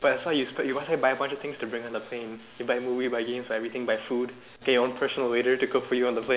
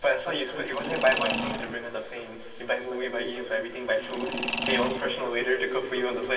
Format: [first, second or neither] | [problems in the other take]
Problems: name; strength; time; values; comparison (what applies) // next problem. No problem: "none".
first | background sound (Mechanisms); 5 dB below the speech // room echo; dies away in 2.6 s